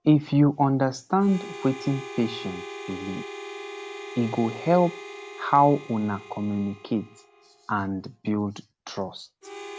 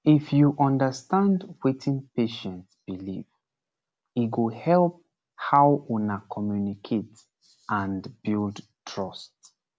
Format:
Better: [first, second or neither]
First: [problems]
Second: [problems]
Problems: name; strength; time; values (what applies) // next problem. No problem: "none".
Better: second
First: background sound (Harmonica); 15 dB below the speech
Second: none